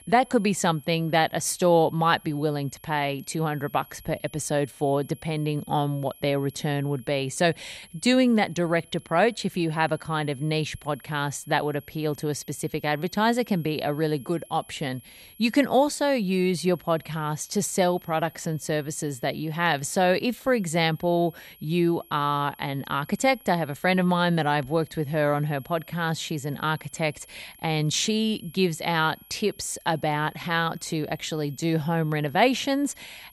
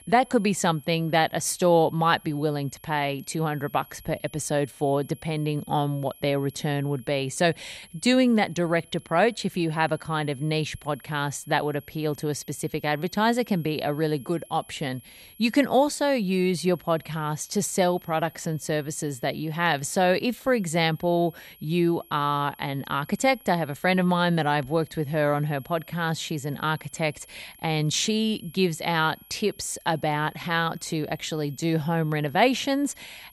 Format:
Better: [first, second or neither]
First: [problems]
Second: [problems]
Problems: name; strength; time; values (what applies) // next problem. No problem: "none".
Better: neither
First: high-pitched whine; faint; throughout; 11.5 kHz, 25 dB below the speech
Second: high-pitched whine; faint; throughout; 11.5 kHz, 25 dB below the speech